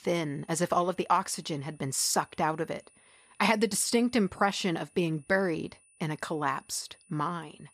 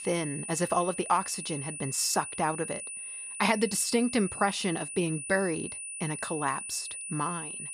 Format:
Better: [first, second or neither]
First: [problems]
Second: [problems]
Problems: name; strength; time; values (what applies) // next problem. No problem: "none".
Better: first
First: high-pitched whine; faint; throughout; 9.5 kHz, 30 dB below the speech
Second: high-pitched whine; loud; throughout; 9.5 kHz, 7 dB below the speech